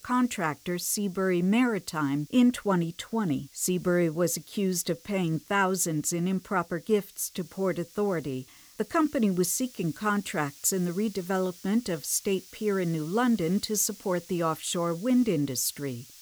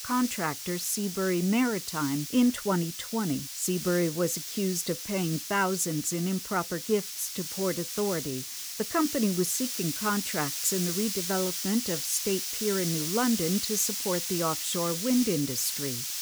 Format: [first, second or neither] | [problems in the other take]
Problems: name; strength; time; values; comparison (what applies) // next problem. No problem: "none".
first | hiss; loud; throughout; 3 dB below the speech; faint in the first